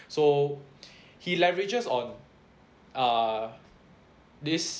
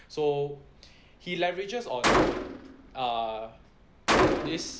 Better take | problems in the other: first | background sound (Gunshot, gunfire); 3 dB above the speech

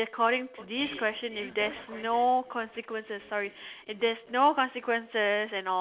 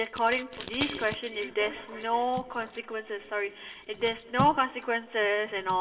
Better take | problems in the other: first | background sound (Packing tape, duct tape); 13 dB below the speech // room echo; dies away in 1.4 s

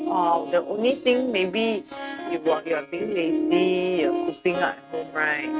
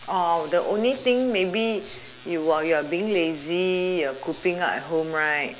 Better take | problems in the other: second | noise reduction (neural mask model RNNoise)

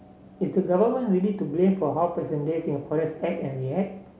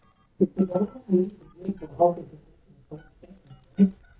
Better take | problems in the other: first | noise reduction (neural mask model DeepFilterNet 3)

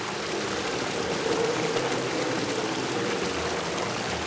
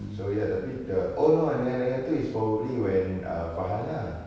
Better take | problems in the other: second | background sound (Stream); 2 dB above the speech // room echo; dies away in 2.1 s

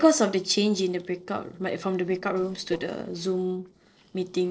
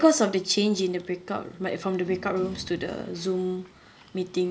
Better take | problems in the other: second | noise reduction (neural separator model SepFormer DNS4)

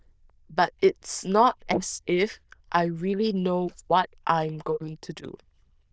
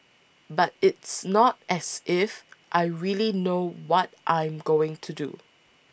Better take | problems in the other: second | noise reduction (neural diffusion model UNIVERSE++)

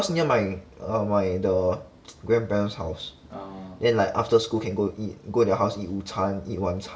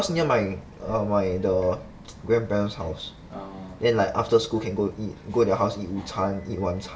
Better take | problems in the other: first | background sound (Bird vocalization, bird call, bird song); 19 dB below the speech

